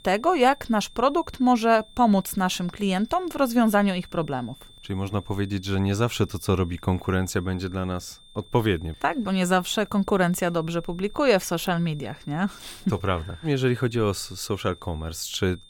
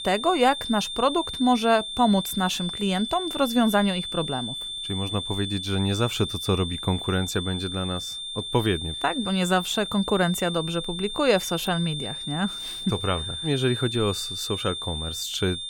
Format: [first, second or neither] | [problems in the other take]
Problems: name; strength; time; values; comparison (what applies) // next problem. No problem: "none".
first | high-pitched whine; loud; throughout; 3.5 kHz, 5 dB below the speech; faint in the first